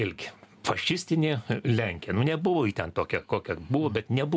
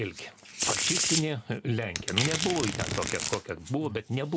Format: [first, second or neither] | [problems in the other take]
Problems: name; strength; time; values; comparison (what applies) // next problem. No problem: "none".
first | background sound (Domestic sounds, home sounds); 1 dB below the speech